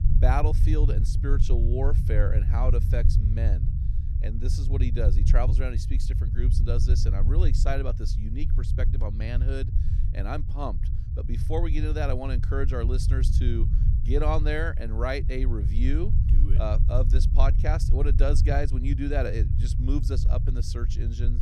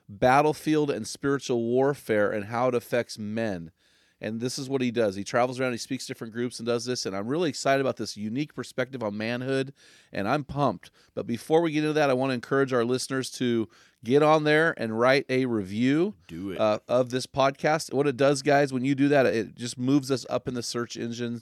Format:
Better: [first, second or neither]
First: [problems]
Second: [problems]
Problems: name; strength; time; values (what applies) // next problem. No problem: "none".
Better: second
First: low rumble; loud; throughout; 8 dB below the speech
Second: none